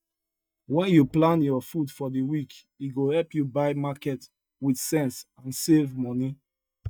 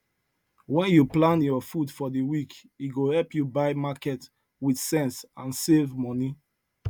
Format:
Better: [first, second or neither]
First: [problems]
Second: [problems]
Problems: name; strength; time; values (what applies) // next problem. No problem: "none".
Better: second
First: noise reduction (neural mask model DeepFilterNet 3)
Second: none